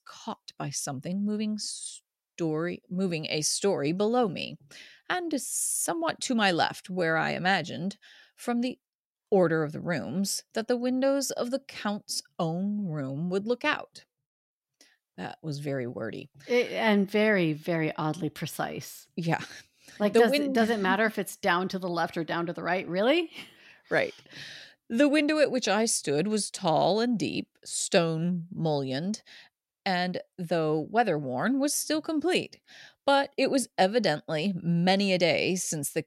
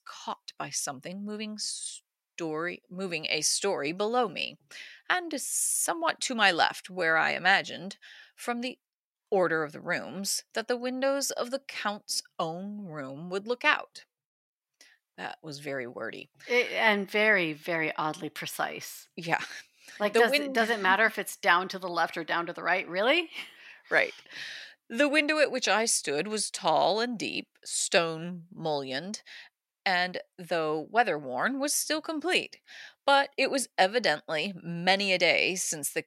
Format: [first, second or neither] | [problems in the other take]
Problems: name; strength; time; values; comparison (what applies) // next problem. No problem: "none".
first | thin; somewhat; fading below 600 Hz